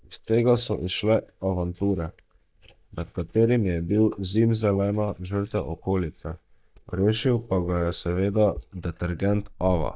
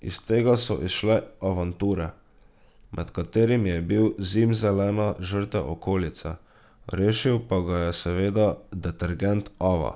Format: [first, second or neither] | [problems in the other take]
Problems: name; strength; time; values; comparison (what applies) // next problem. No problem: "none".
second | noise reduction (neural mask model DeepFilterNet 3)